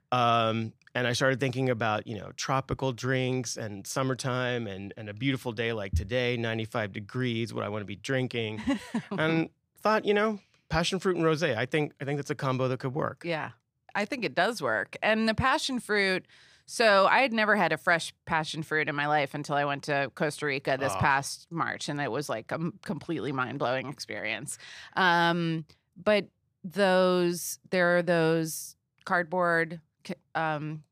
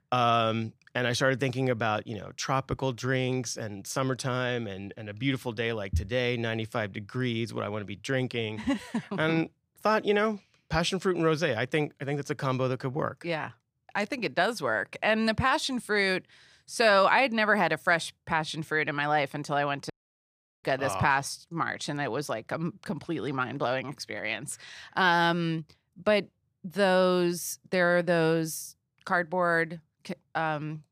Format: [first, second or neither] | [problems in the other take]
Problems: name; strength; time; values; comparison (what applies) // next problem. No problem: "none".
first | audio cutting out; at 20 s for 0.5 s